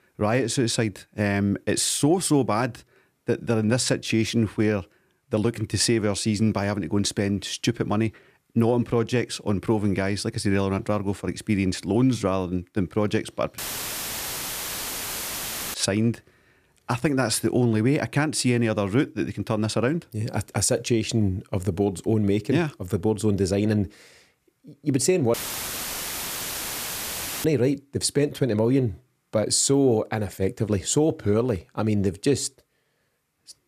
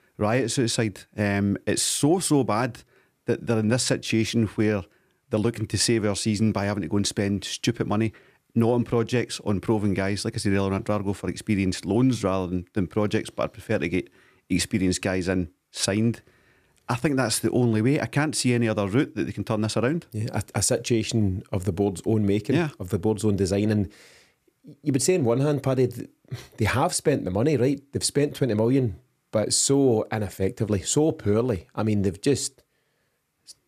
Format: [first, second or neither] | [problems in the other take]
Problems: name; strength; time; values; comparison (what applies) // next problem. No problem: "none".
second | audio cutting out; filled with static; at 14 s for 2 s and at 25 s for 2 s